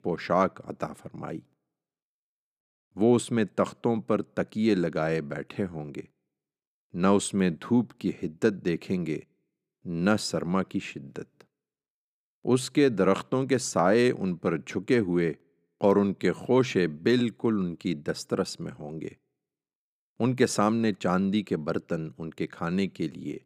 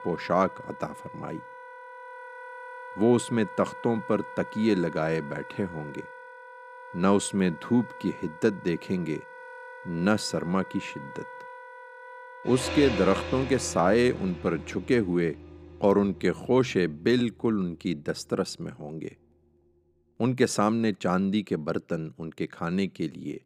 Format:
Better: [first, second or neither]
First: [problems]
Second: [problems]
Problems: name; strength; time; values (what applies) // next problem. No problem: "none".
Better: first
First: none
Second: background music; noticeable; throughout; 15 dB below the speech